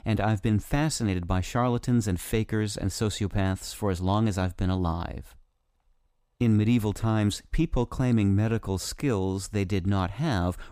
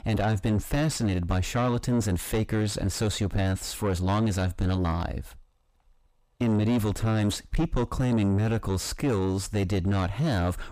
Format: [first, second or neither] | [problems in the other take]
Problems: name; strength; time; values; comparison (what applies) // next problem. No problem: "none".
first | distortion; heavy; 7 dB below the speech